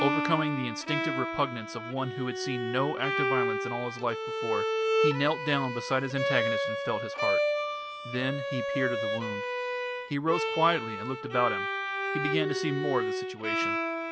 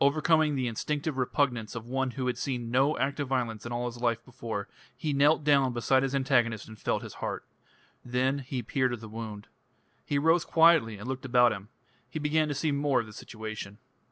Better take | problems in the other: second | background sound (Bowed string instrument); 1 dB above the speech

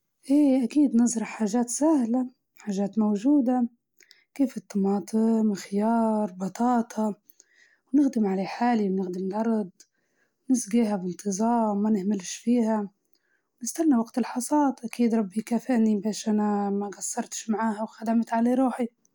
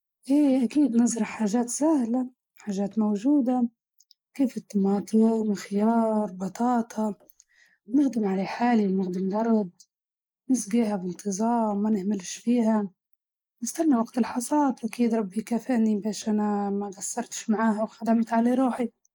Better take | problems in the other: first | noise reduction (neural mask model Resemble Enhance denoiser)

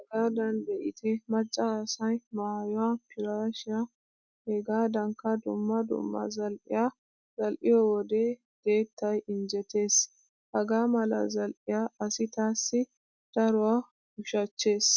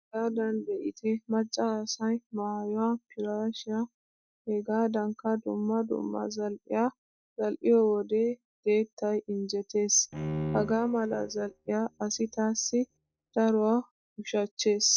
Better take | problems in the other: first | noise reduction (neural mask model DeepFilterNet 3)

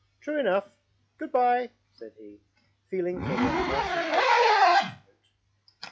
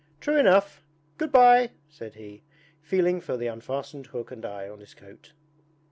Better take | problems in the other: second | noise reduction (classical method log-MMSE)

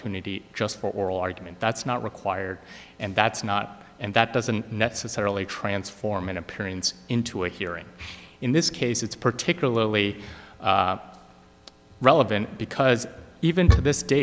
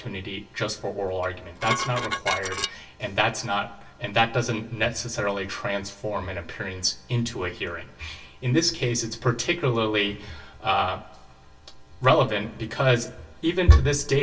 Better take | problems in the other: first | background sound (Dishes, pots, and pans); 6 dB below the speech // room echo; dies away in 0.2 s

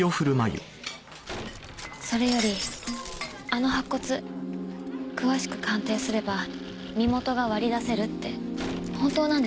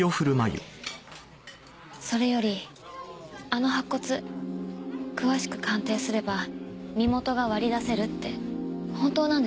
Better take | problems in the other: second | background sound (Shatter); 13 dB below the speech

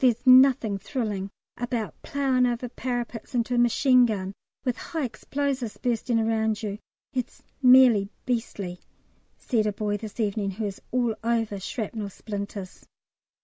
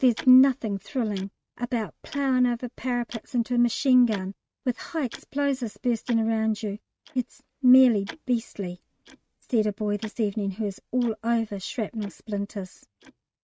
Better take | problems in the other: first | noise reduction (neural mask model RNNoise)

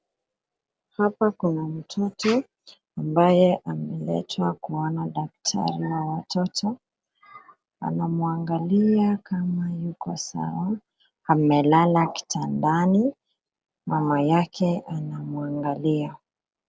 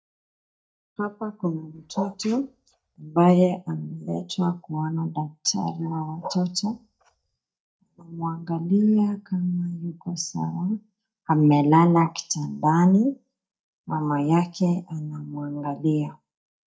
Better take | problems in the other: first | noise reduction (neural mask model DeepFilterNet 3)

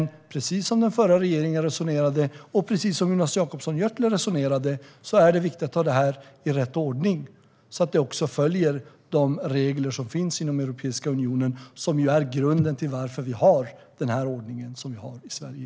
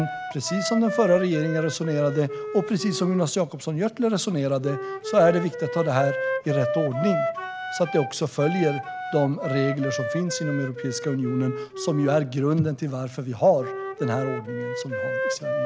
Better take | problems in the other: first | background sound (Wind instrument, woodwind instrument); 7 dB below the speech

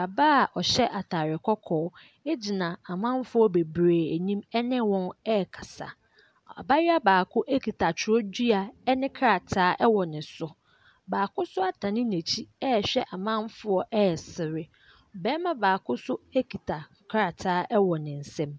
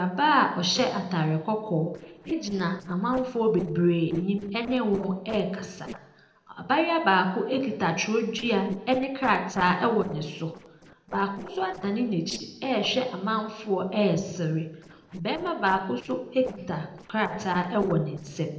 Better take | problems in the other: first | noise reduction (neural separator model SepFormer DNS4)

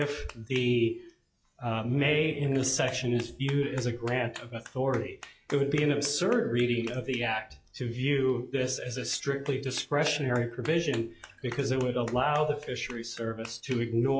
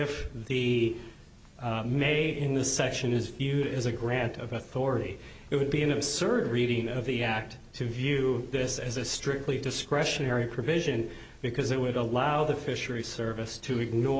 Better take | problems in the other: second | noise reduction (classical method log-MMSE)

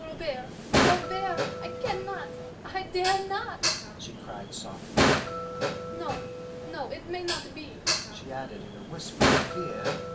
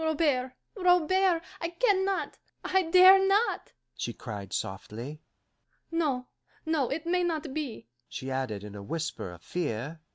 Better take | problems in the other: second | background sound (Dishes, pots, and pans); 5 dB above the speech // room echo; dies away in 0.3 s

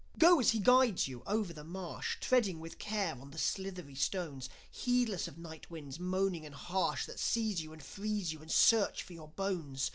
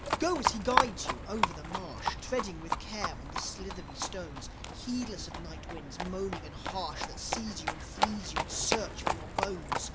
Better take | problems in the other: first | background sound (Livestock, farm animals, working animals); 2 dB above the speech

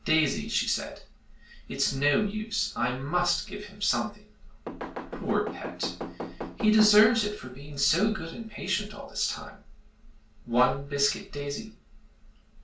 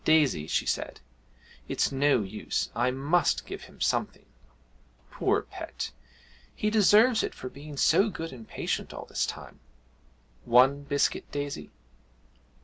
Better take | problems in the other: second | background sound (Knock / Wood); 8 dB below the speech // room echo; dies away in 0.3 s

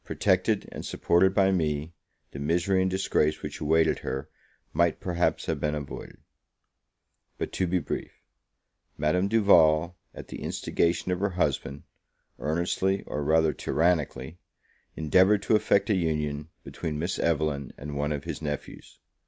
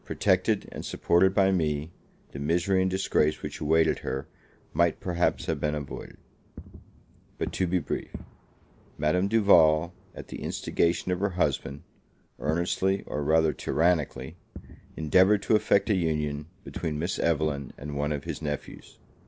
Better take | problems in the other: first | background sound (Fireworks); 19 dB below the speech

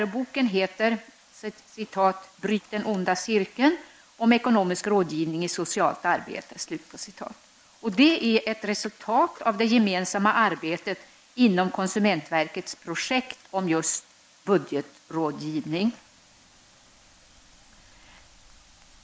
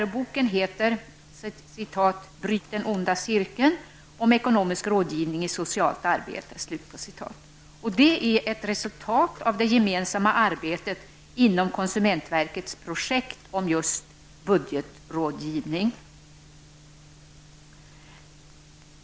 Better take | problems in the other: second | noise reduction (neural mask model Resemble Enhance denoiser)

